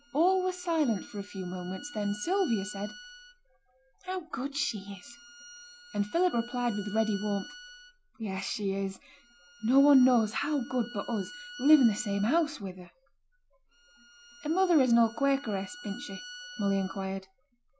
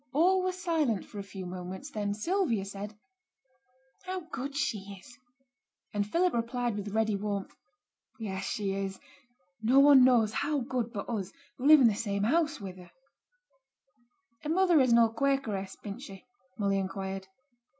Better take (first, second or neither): second